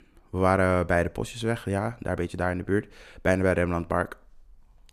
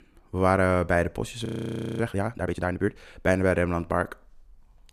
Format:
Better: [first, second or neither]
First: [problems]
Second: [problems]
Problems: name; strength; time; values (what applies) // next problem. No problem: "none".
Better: first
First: none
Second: audio freezing; at 1.5 s for 0.5 s